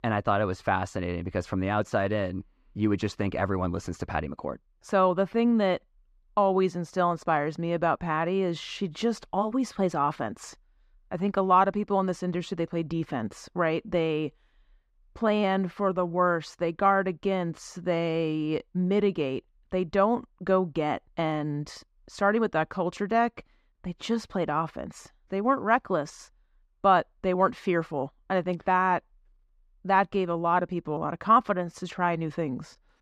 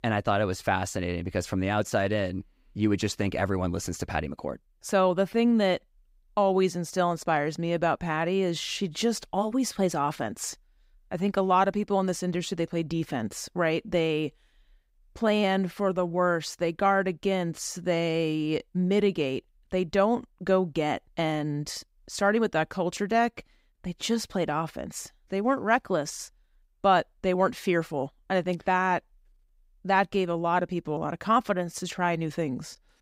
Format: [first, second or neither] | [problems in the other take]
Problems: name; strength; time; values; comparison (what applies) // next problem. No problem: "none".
second | muffled; slightly; fading above 2.5 kHz